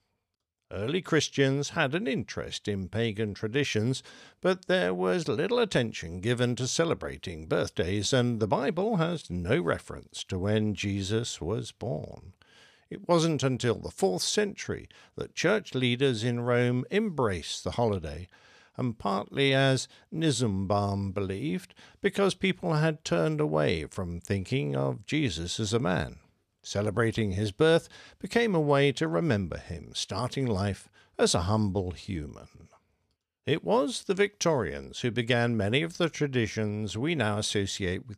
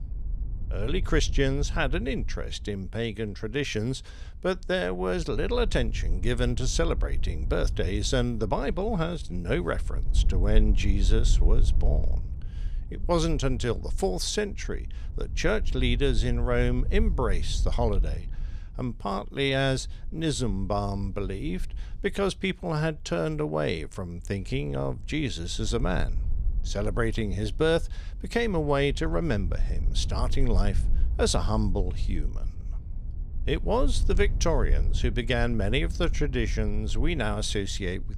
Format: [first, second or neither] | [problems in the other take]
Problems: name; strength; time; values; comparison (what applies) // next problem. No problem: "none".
first | wind noise on the microphone; occasional gusts; 20 dB below the speech